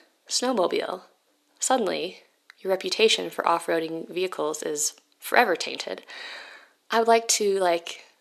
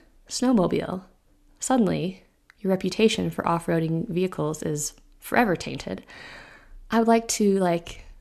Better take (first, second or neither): second